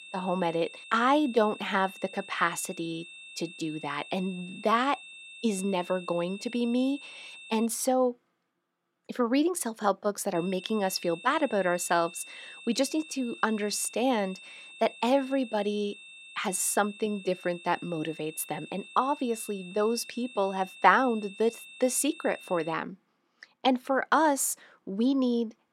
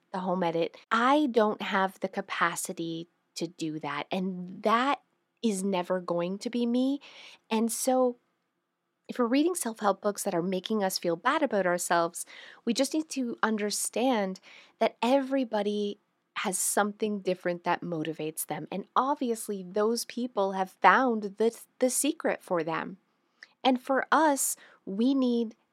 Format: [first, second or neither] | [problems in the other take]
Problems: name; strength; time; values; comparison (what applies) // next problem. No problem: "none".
second | high-pitched whine; noticeable; until 7.5 s and from 10 to 23 s; 2.5 kHz, 15 dB below the speech